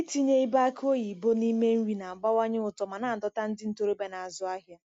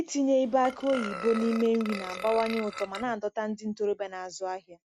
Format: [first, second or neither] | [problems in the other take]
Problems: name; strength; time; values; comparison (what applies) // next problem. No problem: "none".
first | background sound (Burping, eructation); 11 dB below the speech